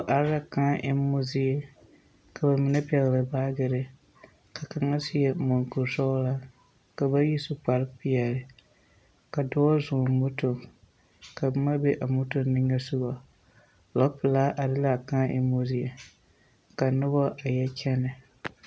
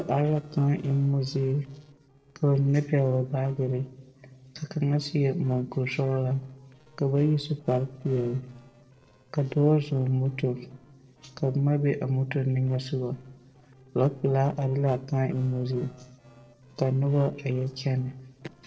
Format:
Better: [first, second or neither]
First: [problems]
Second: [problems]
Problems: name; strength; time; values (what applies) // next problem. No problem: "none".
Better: first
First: none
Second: noise reduction (neural separator model SepFormer DNS4)